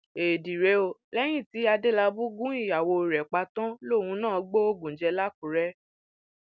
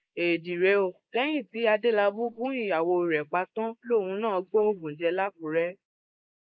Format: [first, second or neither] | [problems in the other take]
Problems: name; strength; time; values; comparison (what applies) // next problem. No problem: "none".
first | noise reduction (neural mask model Resemble Enhance denoiser)